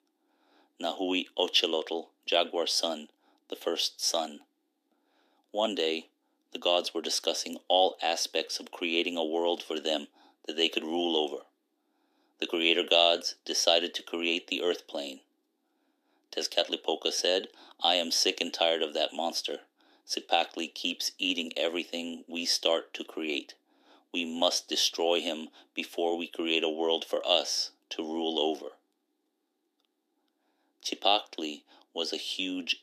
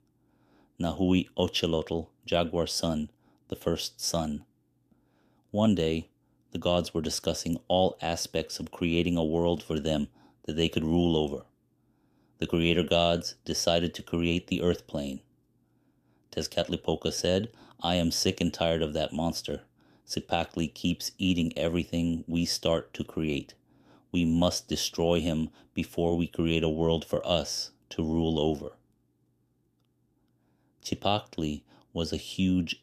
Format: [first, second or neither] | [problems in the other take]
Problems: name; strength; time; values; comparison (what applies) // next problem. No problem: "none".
second | thin; somewhat; fading below 300 Hz